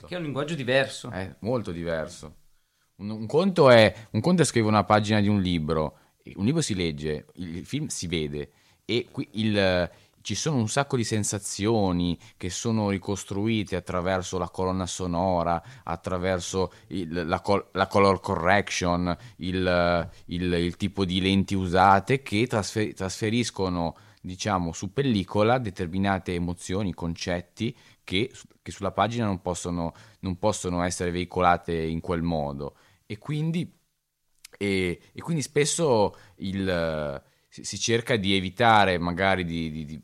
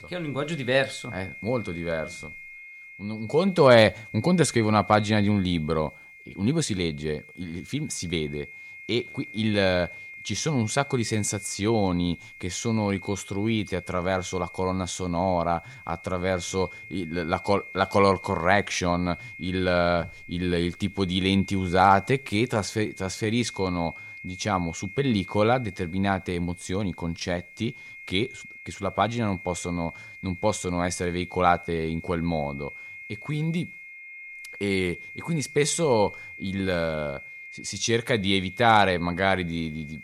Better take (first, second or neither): first